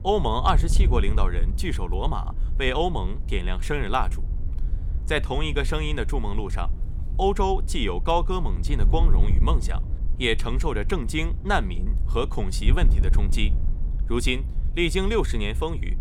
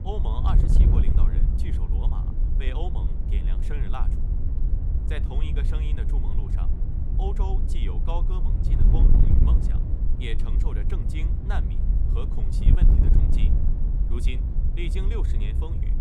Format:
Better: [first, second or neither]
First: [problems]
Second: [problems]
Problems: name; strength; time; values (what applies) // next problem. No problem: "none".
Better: first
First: wind noise on the microphone; occasional gusts; 20 dB below the speech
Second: wind noise on the microphone; heavy; 1 dB below the speech